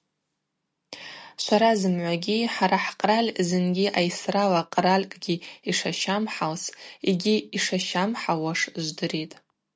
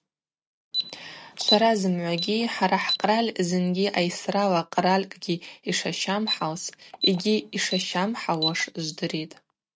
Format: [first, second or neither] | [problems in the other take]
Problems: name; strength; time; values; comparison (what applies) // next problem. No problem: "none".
first | noise reduction (neural mask model RNNoise)